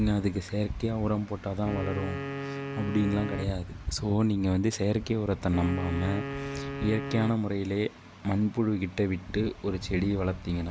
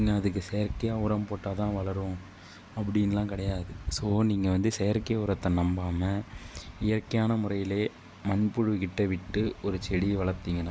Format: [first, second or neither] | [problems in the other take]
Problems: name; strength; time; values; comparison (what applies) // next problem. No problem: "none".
second | background sound (Wind instrument, woodwind instrument); 9 dB below the speech